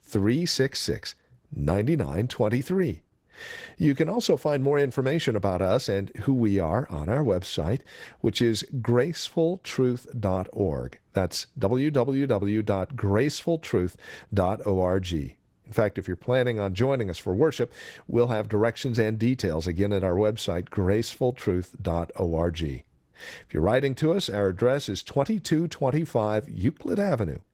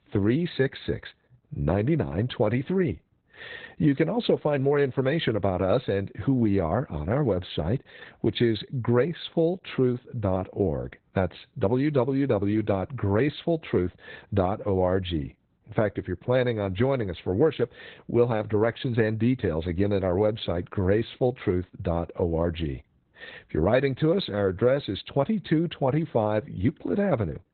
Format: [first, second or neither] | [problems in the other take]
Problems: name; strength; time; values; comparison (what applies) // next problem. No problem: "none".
first | garbled, watery; badly; nothing above 4 kHz; slightly in the first